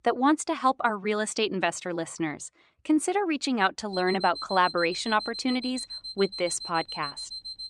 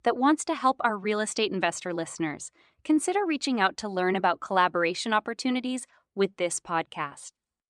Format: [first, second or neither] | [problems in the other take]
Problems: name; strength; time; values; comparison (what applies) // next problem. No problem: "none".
second | alarm; noticeable; from 4 s on; peak 9 dB below the speech